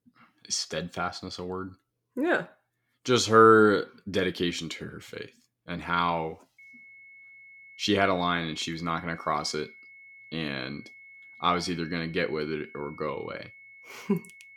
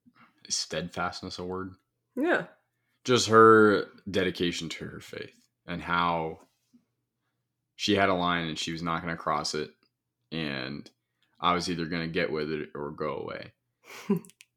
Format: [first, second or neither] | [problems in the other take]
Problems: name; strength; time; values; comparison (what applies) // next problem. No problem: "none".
second | high-pitched whine; faint; from 6.5 s on; 2 kHz, 20 dB below the speech